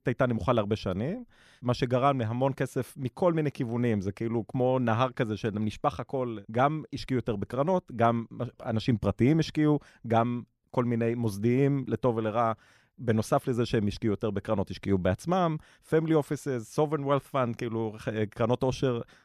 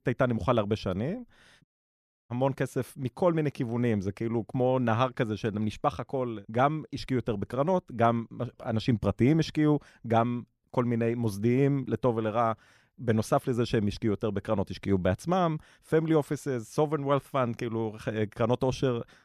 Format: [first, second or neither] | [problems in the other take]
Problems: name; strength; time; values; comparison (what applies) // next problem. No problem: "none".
first | audio cutting out; at 1.5 s for 0.5 s